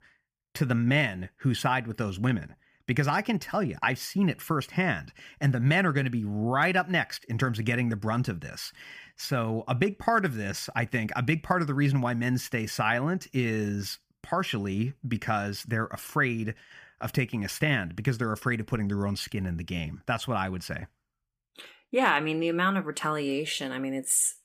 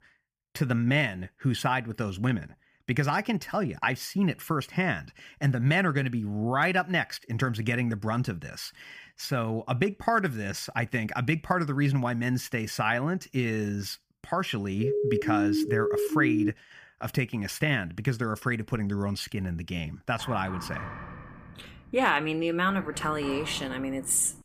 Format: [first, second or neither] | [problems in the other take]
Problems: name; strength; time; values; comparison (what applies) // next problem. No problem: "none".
first | siren; loud; from 15 to 17 s; peak 2 dB above the speech // door banging; faint; from 20 s on; peak 10 dB below the speech